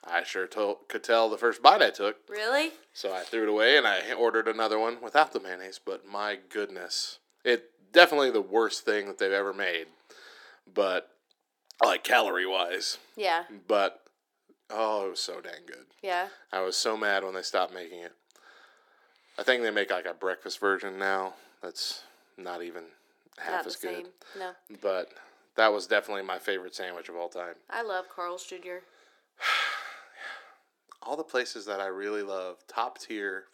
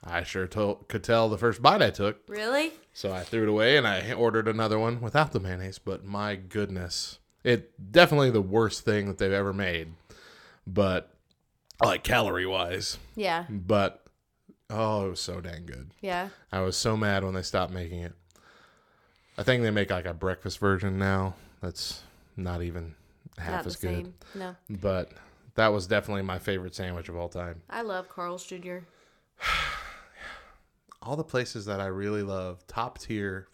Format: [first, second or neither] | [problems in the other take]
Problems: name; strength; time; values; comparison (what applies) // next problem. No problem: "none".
second | thin; very; fading below 300 Hz